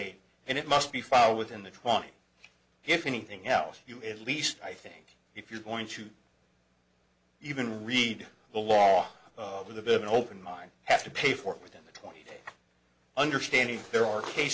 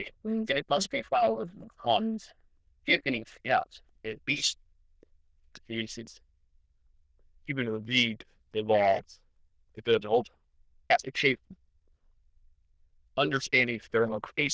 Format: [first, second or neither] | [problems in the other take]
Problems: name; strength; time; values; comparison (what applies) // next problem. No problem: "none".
first | noise reduction (neural diffusion model UNIVERSE++)